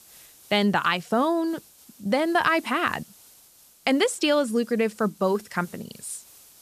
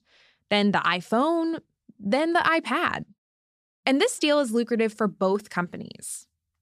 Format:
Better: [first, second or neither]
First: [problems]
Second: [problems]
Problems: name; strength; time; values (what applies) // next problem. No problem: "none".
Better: second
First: hiss; faint; throughout; 25 dB below the speech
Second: none